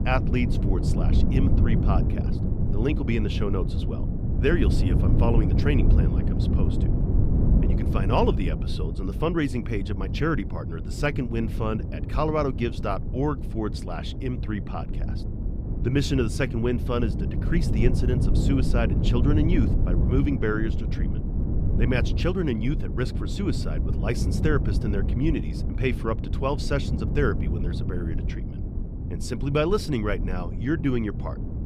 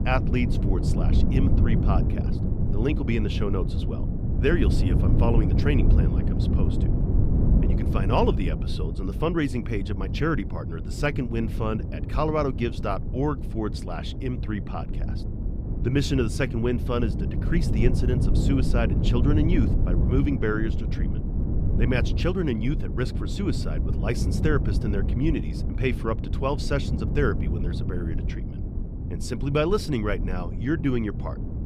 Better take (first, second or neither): neither